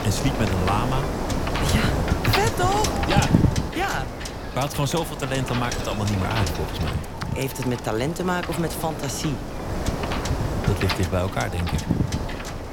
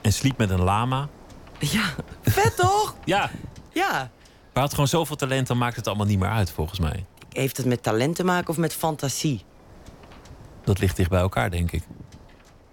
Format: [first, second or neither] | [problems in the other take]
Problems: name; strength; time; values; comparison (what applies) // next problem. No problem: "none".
second | wind noise on the microphone; heavy; 1 dB below the speech; occasional gusts in the second